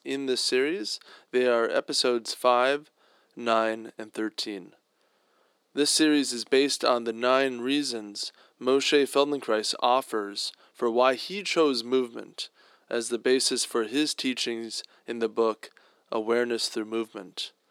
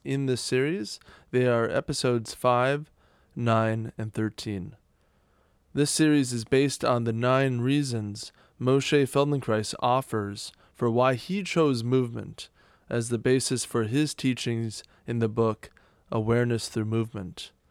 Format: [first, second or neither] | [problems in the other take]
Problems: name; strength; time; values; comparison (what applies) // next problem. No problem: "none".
second | thin; very slightly; fading below 300 Hz